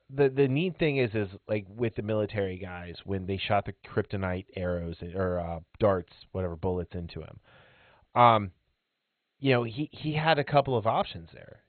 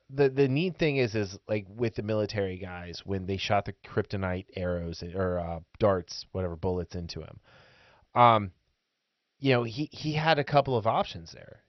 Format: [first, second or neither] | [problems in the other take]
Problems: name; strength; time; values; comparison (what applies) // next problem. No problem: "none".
second | garbled, watery; badly; nothing above 4 kHz; slightly in the second